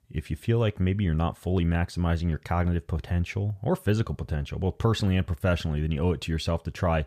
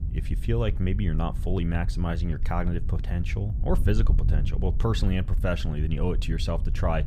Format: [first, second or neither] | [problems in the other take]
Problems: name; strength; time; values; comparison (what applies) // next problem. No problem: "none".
first | wind noise on the microphone; occasional gusts; 15 dB below the speech